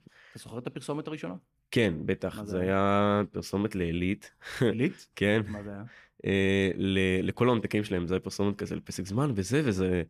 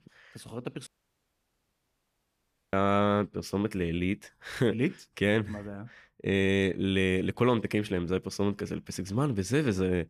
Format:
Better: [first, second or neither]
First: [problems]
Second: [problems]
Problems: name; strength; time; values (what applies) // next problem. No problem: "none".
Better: first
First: none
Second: audio cutting out; at 1 s for 2 s